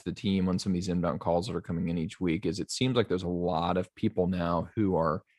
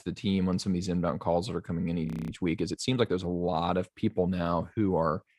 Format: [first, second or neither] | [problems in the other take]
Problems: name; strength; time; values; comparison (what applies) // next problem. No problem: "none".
first | audio freezing; at 2 s